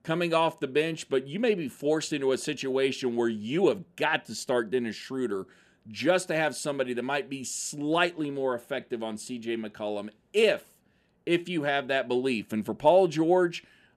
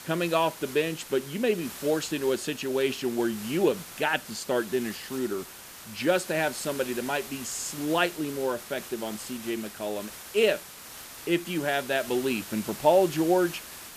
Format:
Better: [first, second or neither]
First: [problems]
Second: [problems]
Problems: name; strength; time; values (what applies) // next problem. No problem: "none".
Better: first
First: none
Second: hiss; noticeable; throughout; 10 dB below the speech